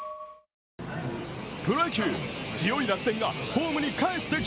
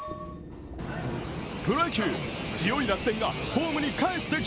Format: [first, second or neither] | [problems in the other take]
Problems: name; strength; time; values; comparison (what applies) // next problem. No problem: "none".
first | background sound (Mechanisms + Wind instrument, woodwind instrument); 10 dB below the speech